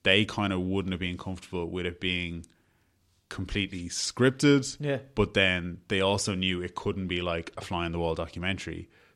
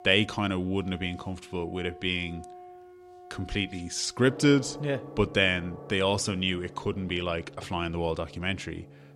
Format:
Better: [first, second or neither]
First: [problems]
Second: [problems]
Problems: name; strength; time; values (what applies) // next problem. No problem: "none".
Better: first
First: none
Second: background music; noticeable; throughout; 20 dB below the speech